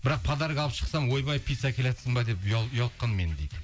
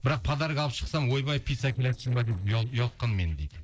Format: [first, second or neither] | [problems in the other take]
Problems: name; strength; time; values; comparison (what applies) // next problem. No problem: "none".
first | noise reduction (neural separator model SepFormer DNS4)